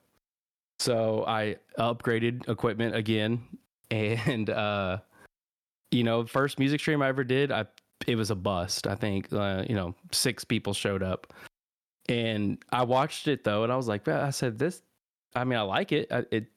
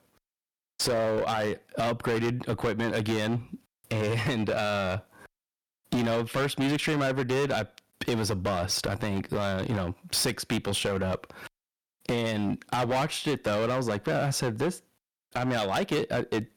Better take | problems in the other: first | distortion; heavy; 15% of the sound clipped

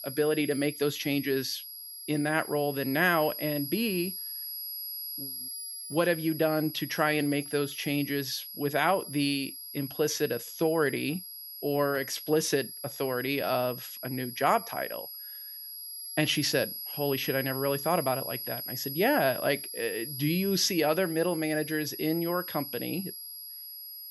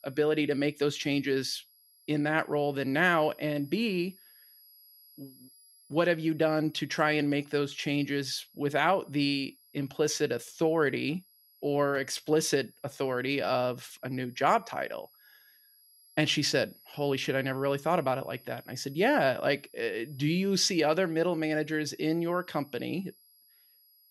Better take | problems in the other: second | high-pitched whine; loud; throughout; 11.5 kHz, 8 dB below the speech; faint in the second

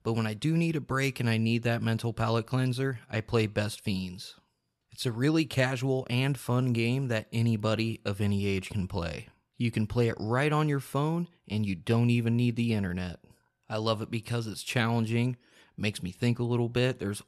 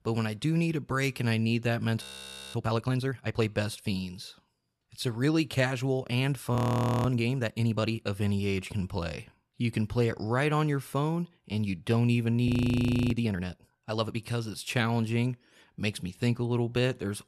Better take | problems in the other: first | audio freezing; at 2 s for 0.5 s, at 6.5 s and at 12 s for 0.5 s

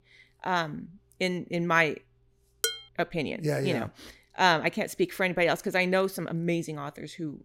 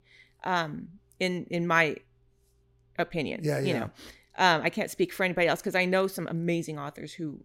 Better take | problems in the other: second | clattering dishes; noticeable; at 2.5 s; peak 3 dB below the speech

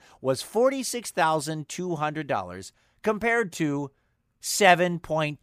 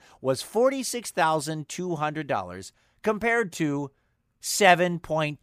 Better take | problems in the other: neither | none

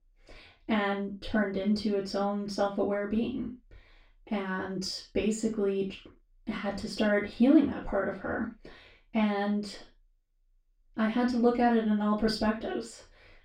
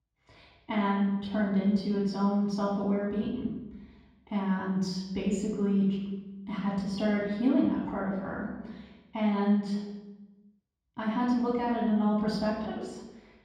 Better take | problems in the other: first | room echo; strong; dies away in 1.3 s; slight in the first // off-mic speech; far; far in the first

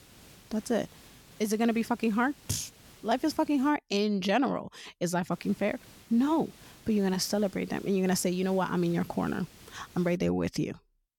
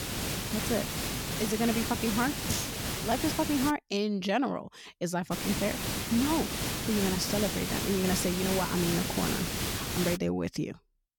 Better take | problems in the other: first | hiss; loud; until 3.5 s and from 5.5 to 10 s; 1 dB below the speech; faint in the first

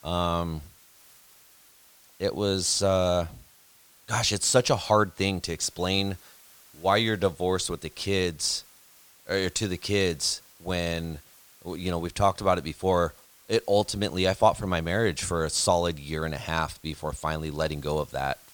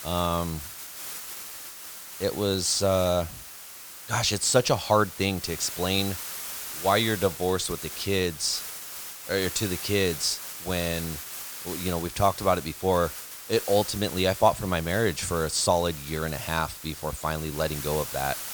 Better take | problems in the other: first | hiss; loud; throughout; 9 dB below the speech; faint in the first

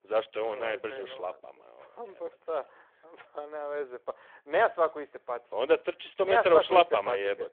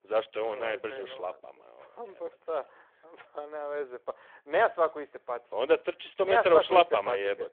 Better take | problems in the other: neither | phone-call audio; the same in both

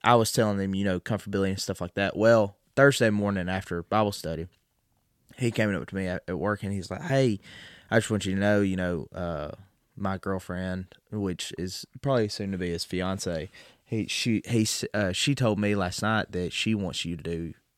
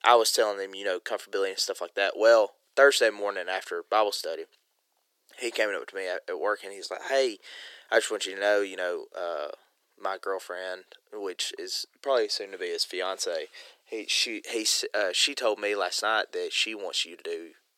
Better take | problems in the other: first | thin; very; fading below 350 Hz

